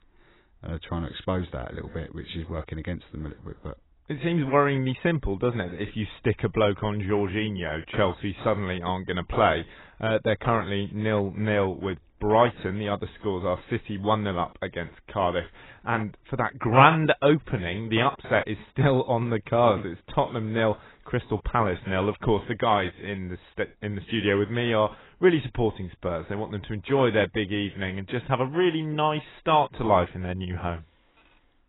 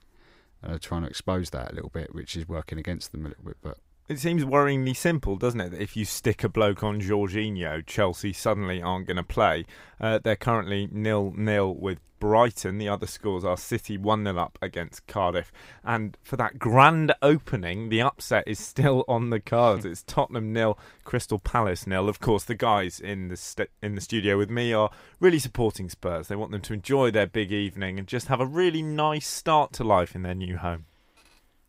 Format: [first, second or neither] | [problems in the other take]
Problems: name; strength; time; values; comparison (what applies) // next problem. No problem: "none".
second | garbled, watery; badly; nothing above 3.5 kHz